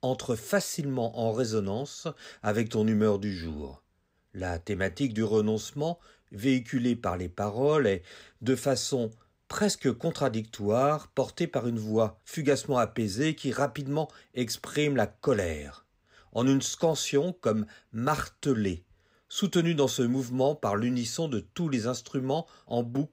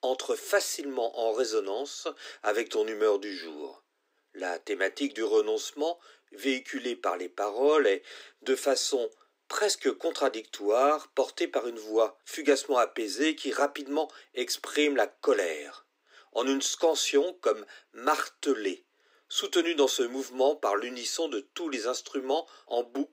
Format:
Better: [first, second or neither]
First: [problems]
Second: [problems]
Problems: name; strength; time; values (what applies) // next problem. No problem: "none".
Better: first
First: none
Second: thin; somewhat; fading below 300 Hz